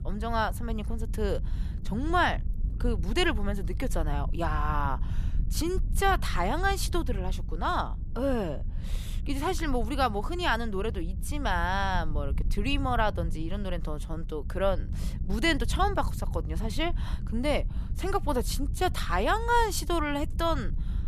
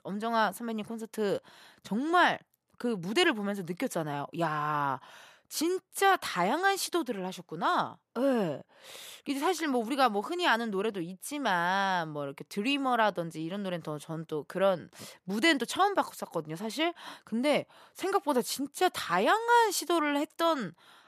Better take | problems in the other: second | wind noise on the microphone; occasional gusts; 20 dB below the speech

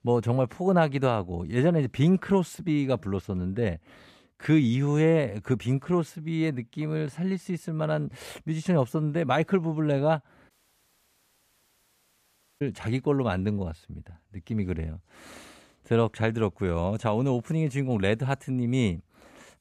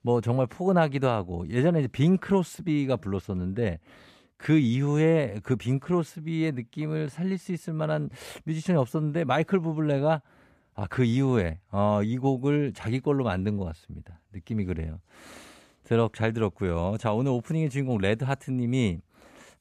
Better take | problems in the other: second | audio cutting out; at 11 s for 2 s

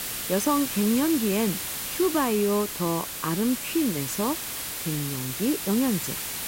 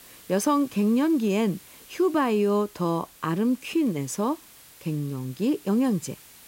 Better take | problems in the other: second | hiss; loud; throughout; 4 dB below the speech; faint in the second

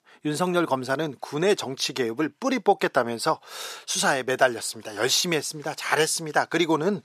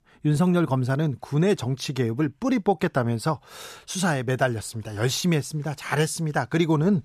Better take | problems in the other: second | thin; somewhat; fading below 400 Hz

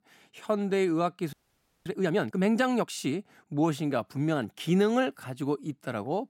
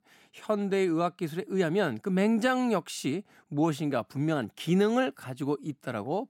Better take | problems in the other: second | audio freezing; at 1.5 s for 0.5 s

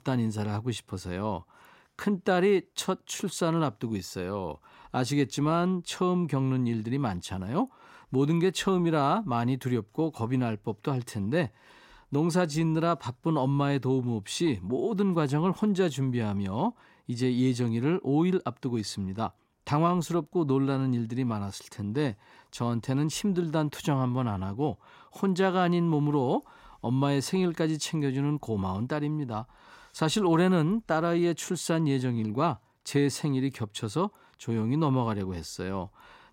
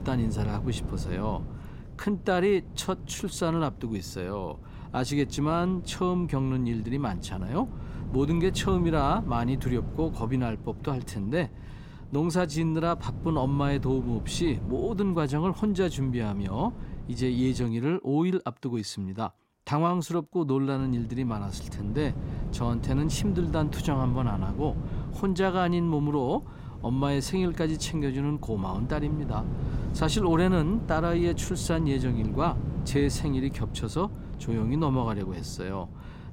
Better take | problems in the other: first | wind noise on the microphone; occasional gusts; until 18 s and from 21 s on; 15 dB below the speech

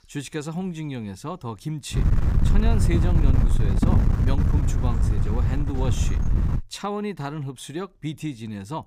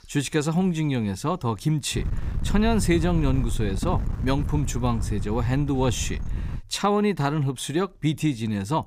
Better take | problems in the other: second | wind noise on the microphone; heavy; from 2 to 6.5 s; 1 dB below the speech; occasional gusts in the second

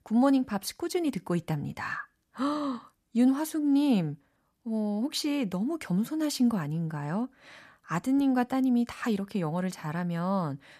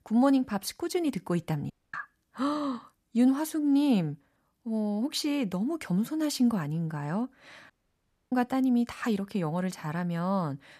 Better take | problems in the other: first | audio cutting out; at 1.5 s and at 7.5 s for 0.5 s

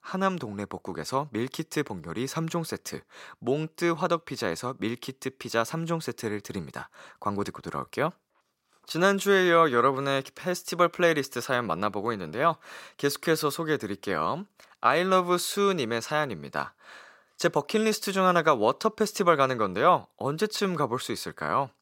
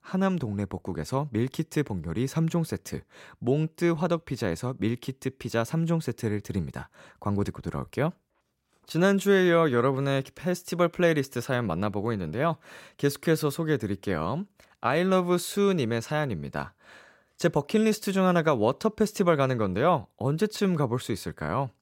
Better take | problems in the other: second | thin; somewhat; fading below 400 Hz

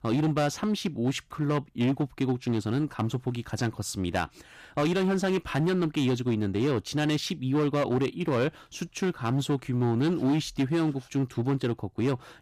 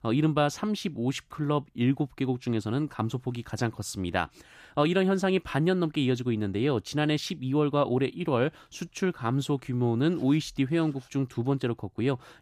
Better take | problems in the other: second | distortion; slight; 10% of the sound clipped

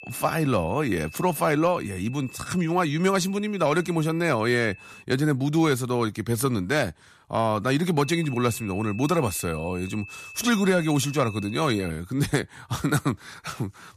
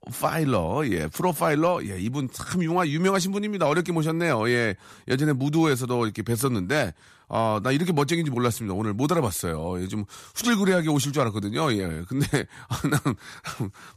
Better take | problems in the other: second | high-pitched whine; noticeable; until 5 s and from 8 to 12 s; 2.5 kHz, 15 dB below the speech

